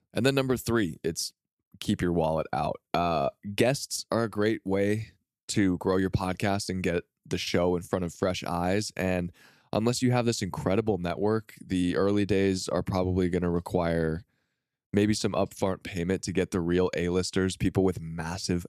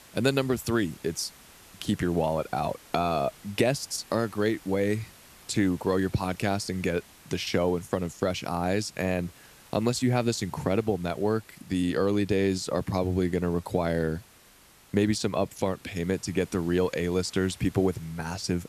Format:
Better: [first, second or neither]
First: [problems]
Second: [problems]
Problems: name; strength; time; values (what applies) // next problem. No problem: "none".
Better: first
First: none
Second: hiss; faint; throughout; 25 dB below the speech